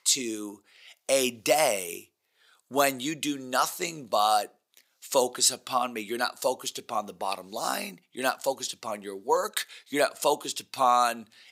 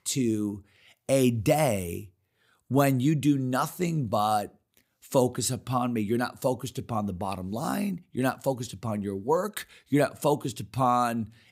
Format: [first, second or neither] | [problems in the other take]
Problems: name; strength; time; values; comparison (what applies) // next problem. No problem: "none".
second | thin; somewhat; fading below 500 Hz